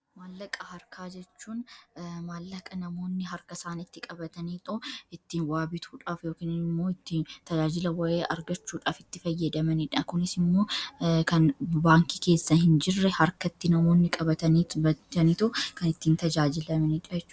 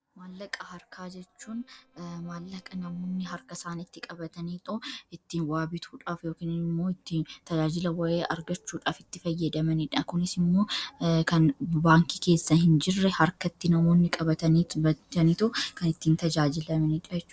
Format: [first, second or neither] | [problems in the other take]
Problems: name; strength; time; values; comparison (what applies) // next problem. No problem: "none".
first | noise reduction (neural separator model SepFormer DNS4)